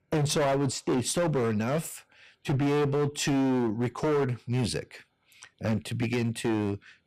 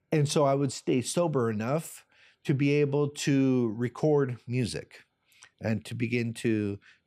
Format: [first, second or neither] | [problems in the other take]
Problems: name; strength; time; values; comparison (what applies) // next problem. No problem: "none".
second | distortion; heavy; 16% of the sound clipped